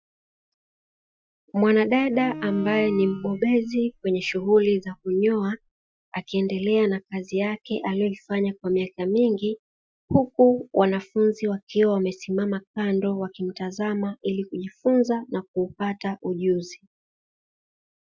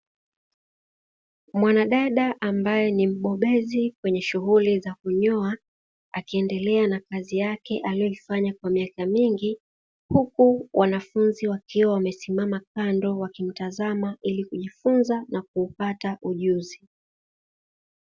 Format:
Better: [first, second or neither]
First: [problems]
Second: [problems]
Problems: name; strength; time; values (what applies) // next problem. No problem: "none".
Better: second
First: noise reduction (classical method Wiener filter)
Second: none